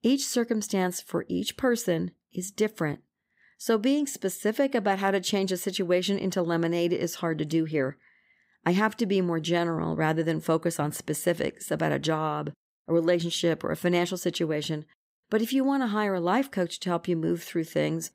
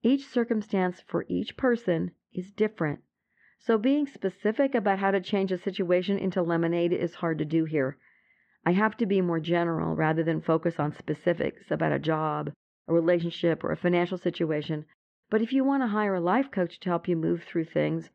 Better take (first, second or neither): first